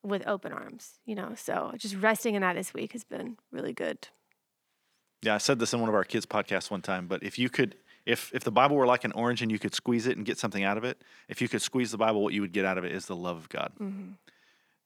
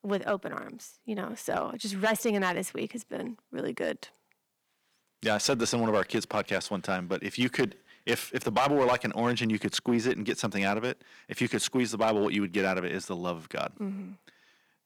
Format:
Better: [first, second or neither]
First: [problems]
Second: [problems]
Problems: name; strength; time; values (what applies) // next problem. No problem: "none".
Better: first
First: none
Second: distortion; slight; 2% of the sound clipped